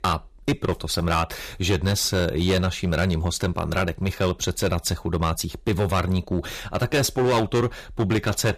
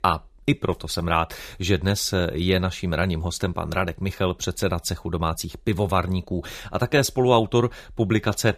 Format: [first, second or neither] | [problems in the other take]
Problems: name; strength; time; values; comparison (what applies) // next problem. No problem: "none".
second | distortion; heavy; 11% of the sound clipped